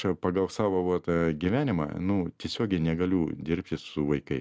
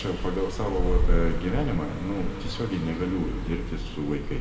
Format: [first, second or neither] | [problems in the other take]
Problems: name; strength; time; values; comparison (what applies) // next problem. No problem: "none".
first | background sound (Car passing by); 2 dB above the speech // room echo; dies away in 1.8 s